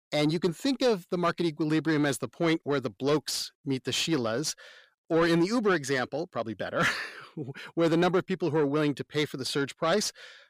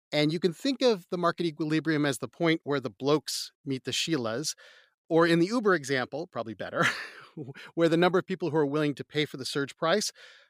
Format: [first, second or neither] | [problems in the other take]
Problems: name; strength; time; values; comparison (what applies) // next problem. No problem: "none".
second | distortion; slight; 10 dB below the speech